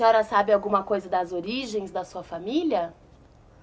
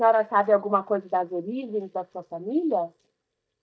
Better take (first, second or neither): first